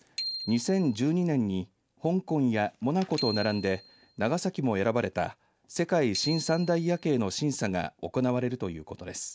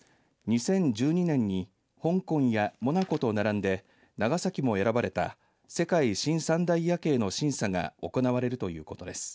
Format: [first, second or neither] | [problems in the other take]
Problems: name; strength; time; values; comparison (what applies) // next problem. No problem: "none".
second | background sound (Bicycle bell); 15 dB below the speech